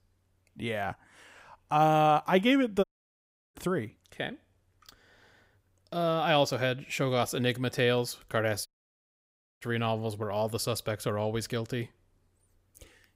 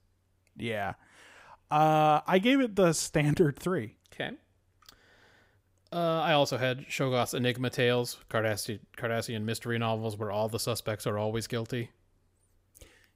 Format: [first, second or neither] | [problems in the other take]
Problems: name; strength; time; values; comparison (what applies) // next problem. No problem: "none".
second | audio cutting out; at 3 s for 0.5 s and at 8.5 s for 1 s